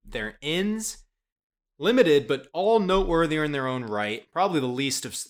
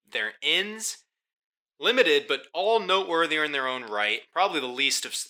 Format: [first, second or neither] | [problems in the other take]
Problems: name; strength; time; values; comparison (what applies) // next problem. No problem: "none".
first | thin; somewhat; fading below 450 Hz